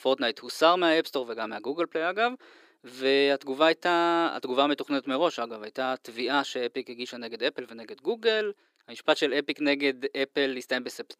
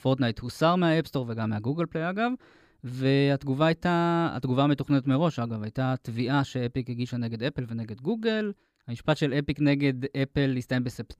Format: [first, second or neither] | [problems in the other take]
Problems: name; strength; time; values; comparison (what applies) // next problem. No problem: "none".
second | thin; somewhat; fading below 350 Hz